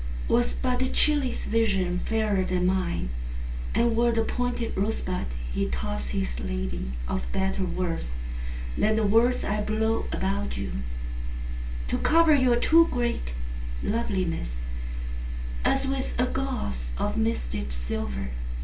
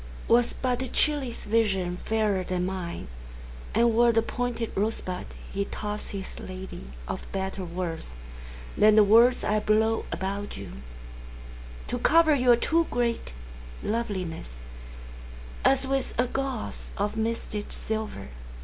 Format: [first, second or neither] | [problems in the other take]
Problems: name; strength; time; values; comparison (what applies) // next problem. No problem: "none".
second | room echo; dies away in 0.2 s